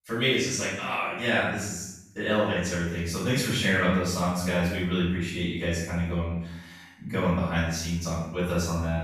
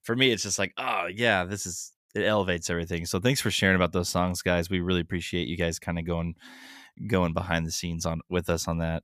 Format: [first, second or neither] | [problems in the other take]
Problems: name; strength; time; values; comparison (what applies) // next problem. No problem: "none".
second | room echo; strong; dies away in 0.7 s // off-mic speech; far